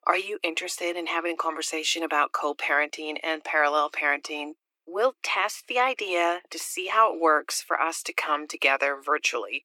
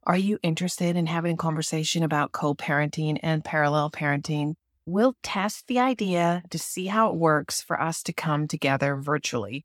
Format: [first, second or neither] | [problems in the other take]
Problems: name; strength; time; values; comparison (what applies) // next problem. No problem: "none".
second | thin; very; fading below 350 Hz